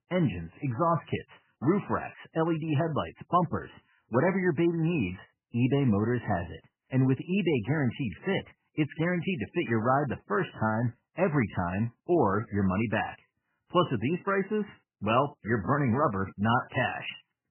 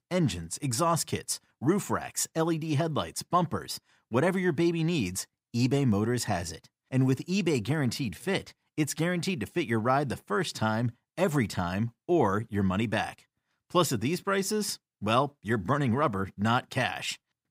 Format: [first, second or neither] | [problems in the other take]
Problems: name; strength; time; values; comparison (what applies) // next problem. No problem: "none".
second | garbled, watery; badly; nothing above 3 kHz